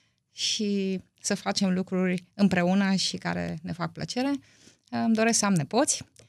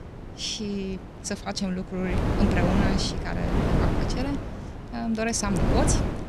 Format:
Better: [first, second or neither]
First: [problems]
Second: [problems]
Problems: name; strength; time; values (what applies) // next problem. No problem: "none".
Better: first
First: none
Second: wind noise on the microphone; heavy; 1 dB above the speech